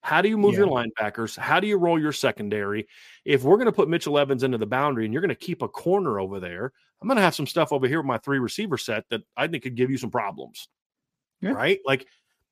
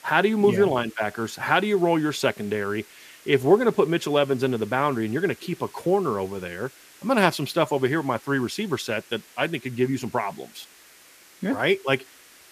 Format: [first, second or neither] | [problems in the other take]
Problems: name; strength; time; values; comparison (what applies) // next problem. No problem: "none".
first | hiss; faint; throughout; 25 dB below the speech